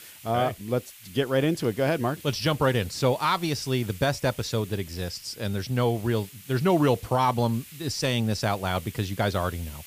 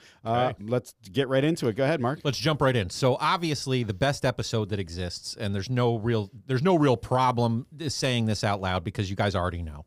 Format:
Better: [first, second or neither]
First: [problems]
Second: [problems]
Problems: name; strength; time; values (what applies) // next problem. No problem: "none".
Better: second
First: hiss; noticeable; throughout; 20 dB below the speech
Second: none